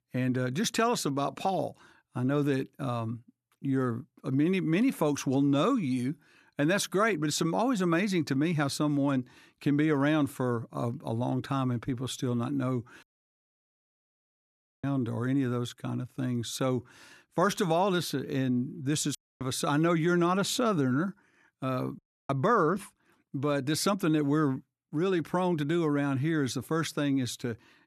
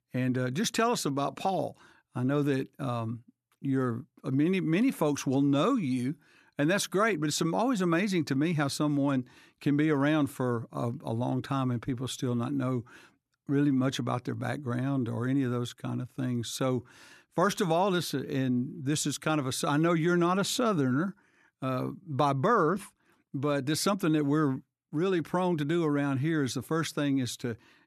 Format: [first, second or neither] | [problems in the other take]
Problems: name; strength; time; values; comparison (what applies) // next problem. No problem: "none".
second | audio cutting out; at 13 s for 2 s, at 19 s and at 22 s